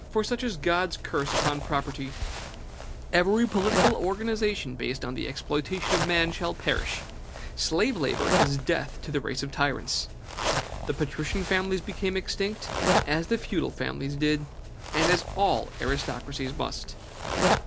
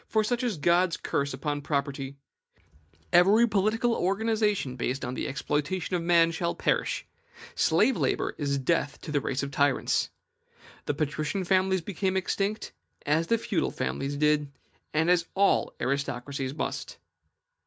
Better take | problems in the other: second | background sound (Zipper (clothing)); 3 dB below the speech

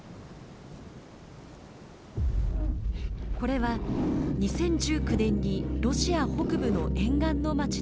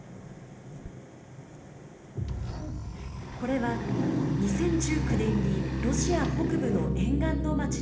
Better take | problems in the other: first | background sound (Domestic sounds, home sounds); 19 dB below the speech // room echo; dies away in 1 s

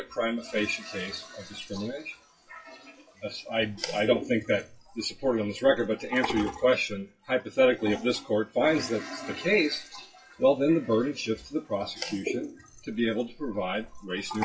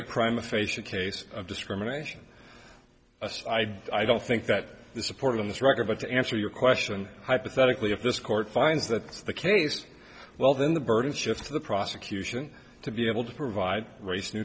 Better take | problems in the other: second | noise reduction (classical method WPE with log-MMSE)

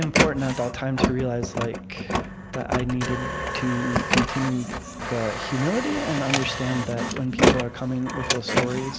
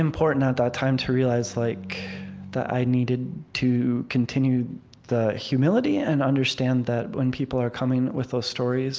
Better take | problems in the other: second | background sound (Printer); 1 dB above the speech

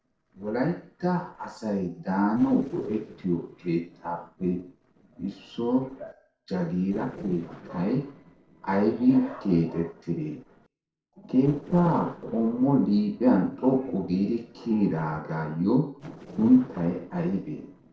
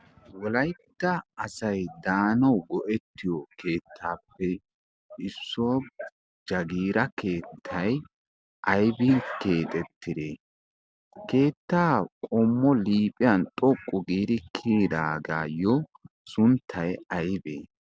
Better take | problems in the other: second | noise reduction (neural separator model SepFormer DNS4)

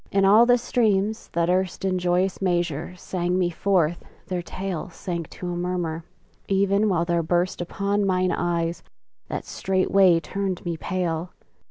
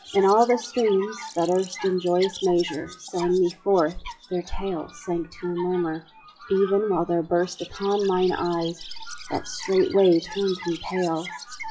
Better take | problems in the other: first | noise reduction (classical method WPE with log-MMSE)

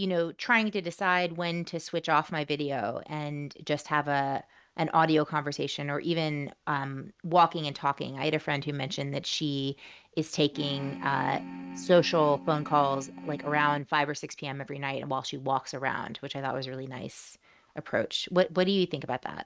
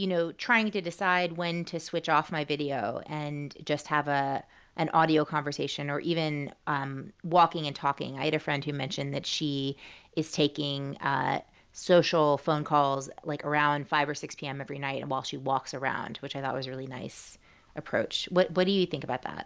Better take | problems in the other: second | noise reduction (neural mask model RNNoise)

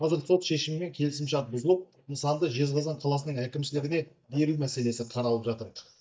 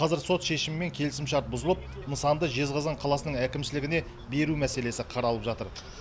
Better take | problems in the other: second | noise reduction (neural mask model DeepFilterNet 3)

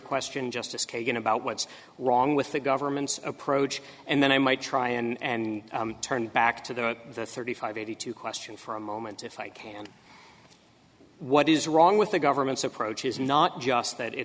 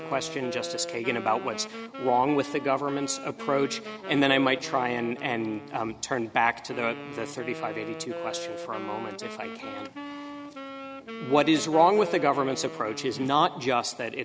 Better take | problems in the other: first | background sound (Wind instrument, woodwind instrument); 11 dB below the speech

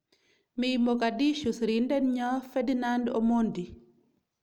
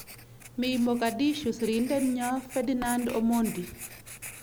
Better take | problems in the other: first | background sound (Writing); 14 dB below the speech

